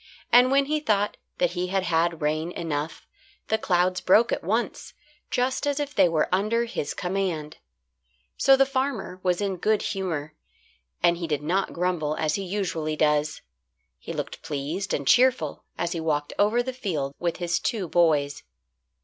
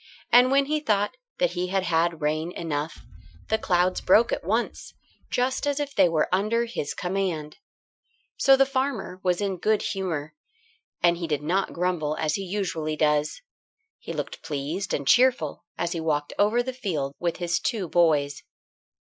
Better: first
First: none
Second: noise reduction (classical method Wiener filter)

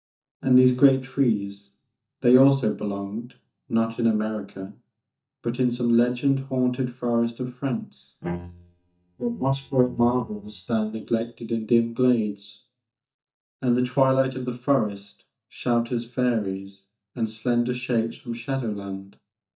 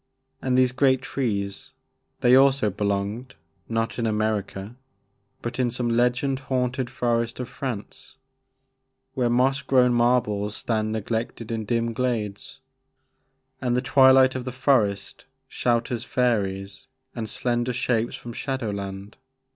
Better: second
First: noise reduction (neural mask model DeepFilterNet 3)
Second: none

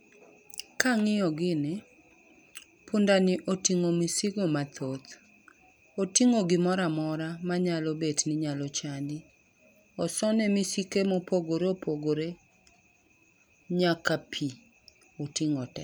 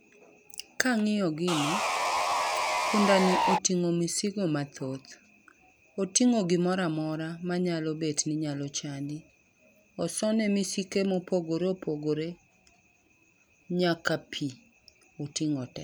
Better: first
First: none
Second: background sound (Sawing); 3 dB above the speech

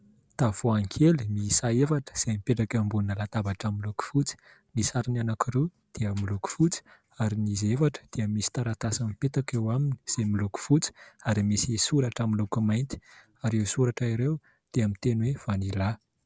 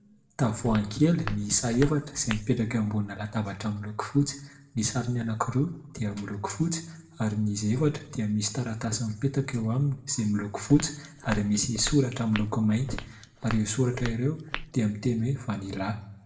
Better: first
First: none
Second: background sound (Walk, footsteps); 10 dB below the speech // room echo; dies away in 0.5 s

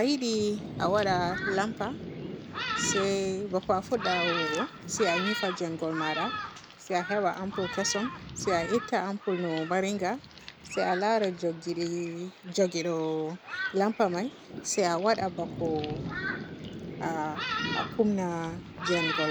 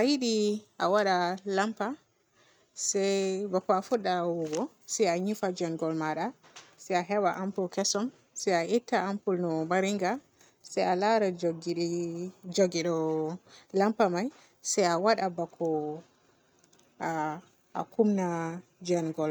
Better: second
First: background sound (Thunderstorm); 6 dB below the speech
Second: none

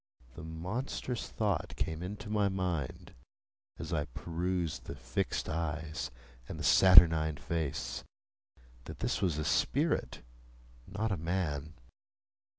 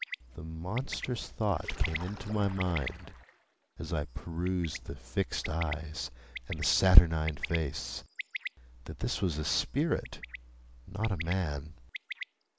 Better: first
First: none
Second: background sound (Bird + Splash, splatter); 14 dB below the speech

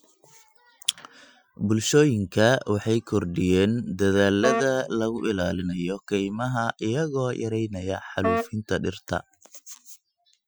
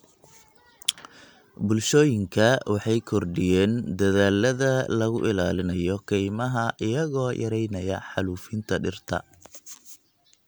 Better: second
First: noise reduction (classical method Wiener filter)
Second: none

